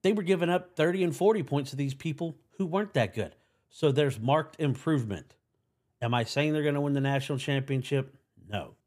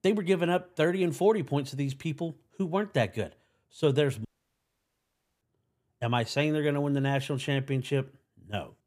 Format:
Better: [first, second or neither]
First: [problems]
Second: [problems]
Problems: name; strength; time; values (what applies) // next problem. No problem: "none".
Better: first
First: none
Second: audio cutting out; at 4.5 s for 1 s